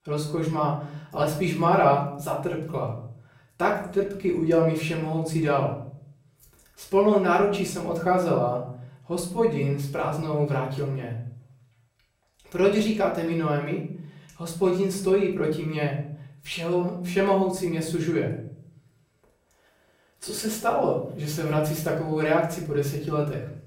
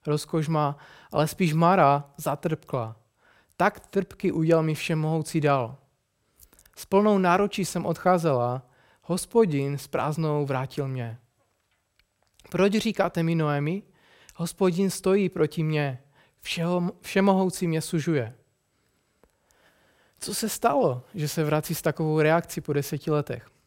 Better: second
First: off-mic speech; far // room echo; slight; dies away in 0.6 s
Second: none

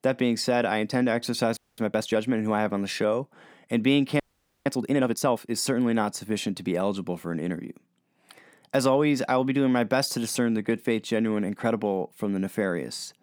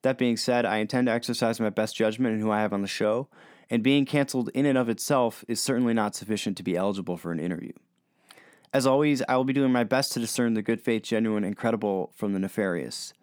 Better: second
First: audio freezing; at 1.5 s and at 4 s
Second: none

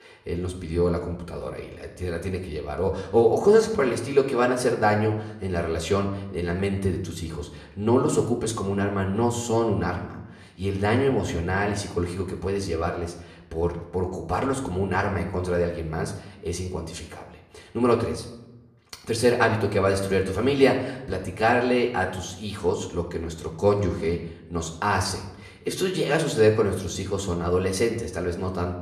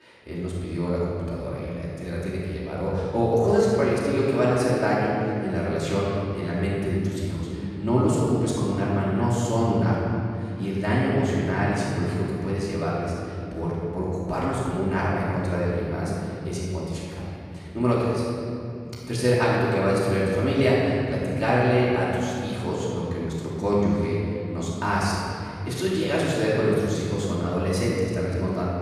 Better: first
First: room echo; slight; dies away in 0.6 s // off-mic speech; far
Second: room echo; strong; dies away in 3 s // off-mic speech; far

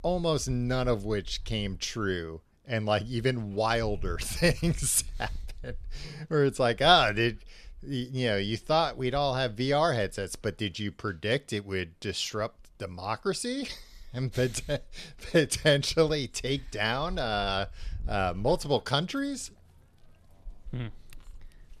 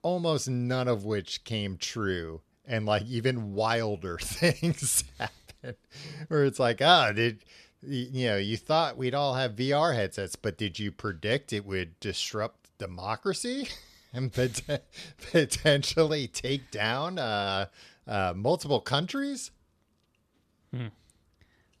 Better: second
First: animal sounds; noticeable; throughout; 20 dB below the speech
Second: none

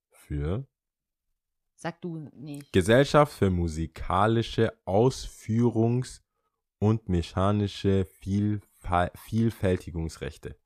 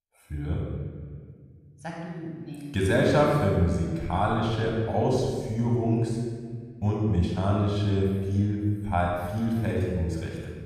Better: first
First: none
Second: off-mic speech; far // room echo; strong; dies away in 1.6 s

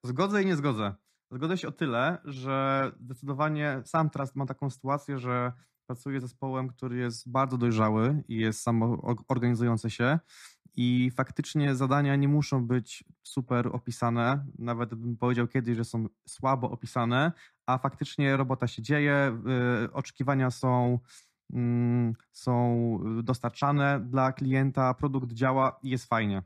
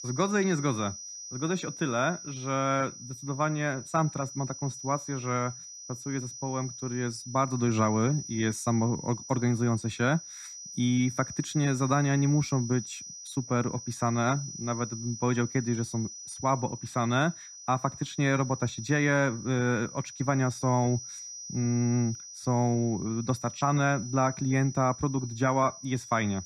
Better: first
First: none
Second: high-pitched whine; noticeable; throughout; 6 kHz, 10 dB below the speech

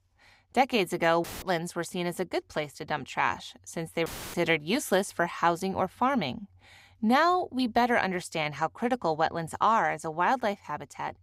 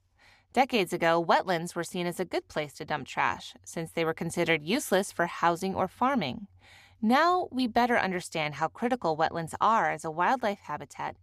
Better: second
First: audio cutting out; filled with static; at 1 s and at 4 s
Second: none

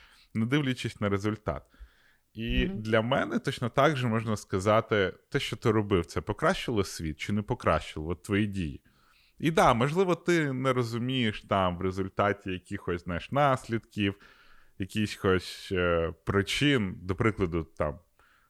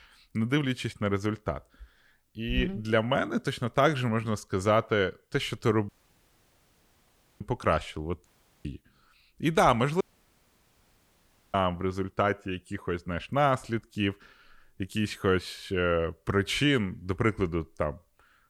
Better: first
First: none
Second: audio cutting out; at 6 s for 1.5 s, at 8.5 s and at 10 s for 1.5 s

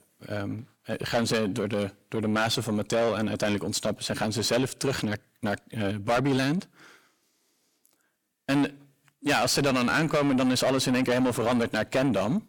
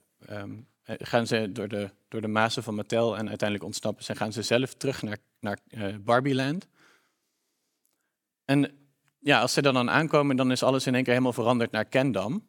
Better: second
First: distortion; heavy; 5 dB below the speech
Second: none

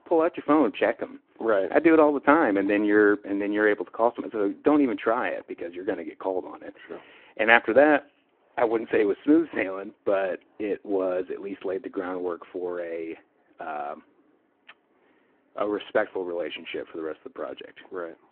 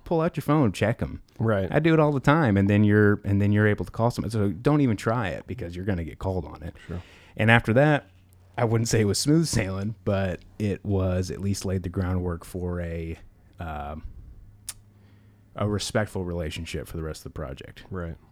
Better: second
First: phone-call audio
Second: none

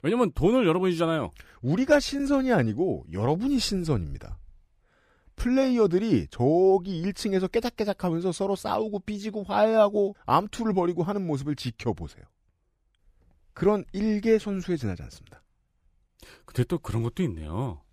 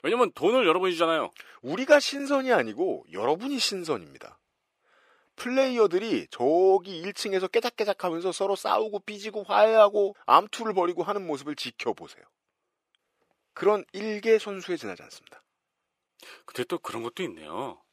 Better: first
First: none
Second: thin; somewhat; fading below 450 Hz

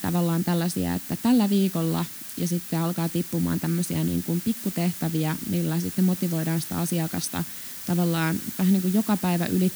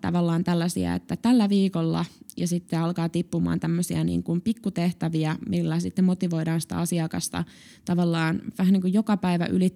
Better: second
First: hiss; loud; throughout; 9 dB below the speech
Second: none

